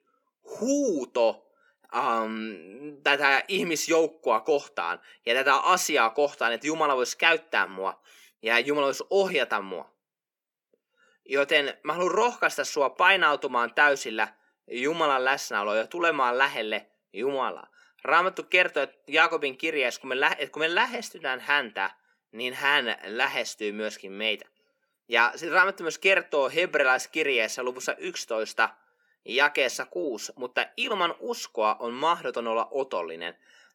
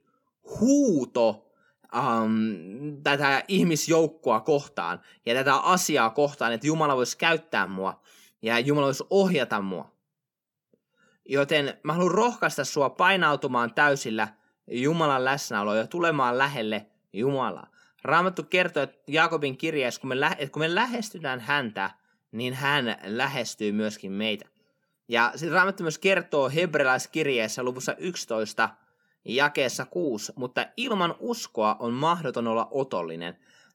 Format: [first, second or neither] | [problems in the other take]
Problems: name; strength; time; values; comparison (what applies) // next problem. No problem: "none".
second | thin; somewhat; fading below 400 Hz